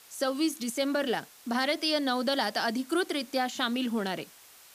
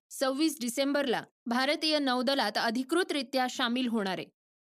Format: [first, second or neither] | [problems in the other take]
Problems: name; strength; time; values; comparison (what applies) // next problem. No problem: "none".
second | hiss; faint; throughout; 20 dB below the speech